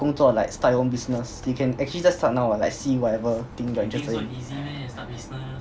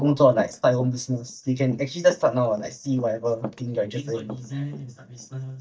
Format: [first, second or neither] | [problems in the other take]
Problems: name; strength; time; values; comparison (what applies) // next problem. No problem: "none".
first | noise reduction (neural mask model DeepFilterNet 3)